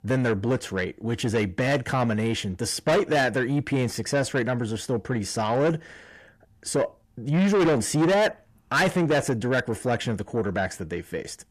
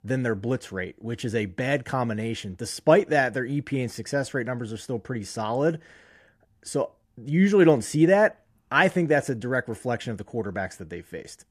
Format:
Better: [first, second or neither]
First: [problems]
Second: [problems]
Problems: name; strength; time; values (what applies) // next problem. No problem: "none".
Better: second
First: distortion; heavy; 6 dB below the speech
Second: none